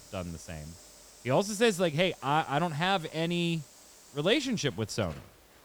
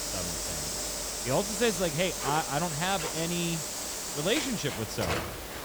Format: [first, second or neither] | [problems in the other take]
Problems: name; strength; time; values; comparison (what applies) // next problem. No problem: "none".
first | hiss; loud; throughout; 1 dB below the speech; faint in the first